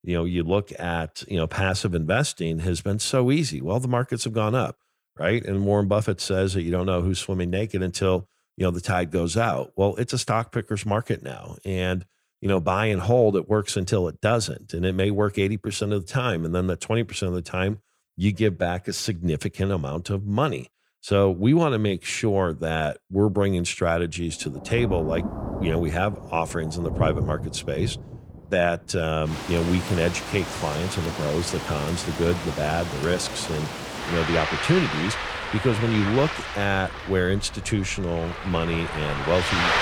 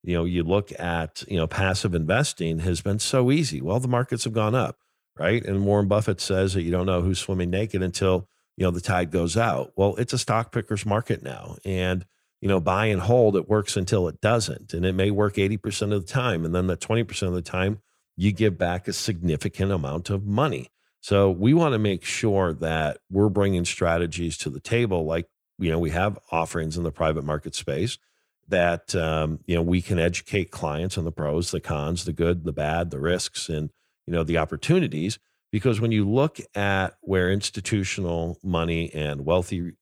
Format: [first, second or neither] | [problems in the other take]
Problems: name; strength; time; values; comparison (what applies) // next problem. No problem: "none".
second | rain or running water; loud; from 25 s on; 6 dB below the speech